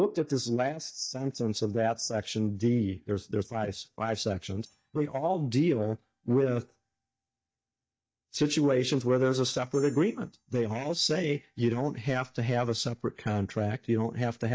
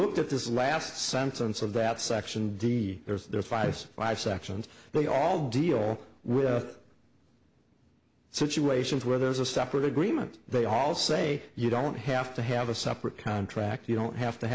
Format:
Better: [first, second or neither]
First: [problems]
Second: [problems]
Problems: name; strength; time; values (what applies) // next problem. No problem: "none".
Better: second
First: noise reduction (neural mask model DeepFilterNet 3)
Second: none